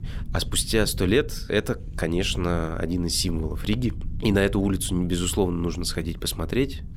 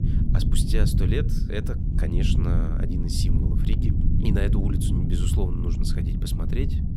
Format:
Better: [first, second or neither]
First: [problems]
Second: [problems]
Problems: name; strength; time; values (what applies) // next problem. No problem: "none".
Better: first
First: low rumble; faint; throughout; 20 dB below the speech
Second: low rumble; loud; throughout; 1 dB below the speech